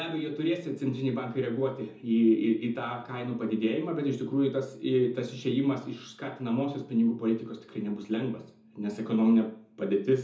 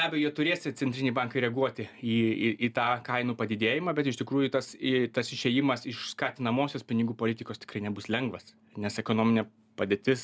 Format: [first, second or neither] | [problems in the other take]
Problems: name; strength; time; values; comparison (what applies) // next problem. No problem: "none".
second | room echo; dies away in 0.5 s